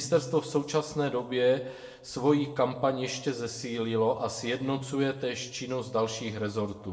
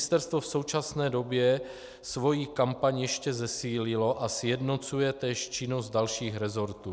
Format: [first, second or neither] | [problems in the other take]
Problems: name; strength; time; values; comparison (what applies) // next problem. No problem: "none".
second | noise reduction (neural separator model SepFormer DNS4)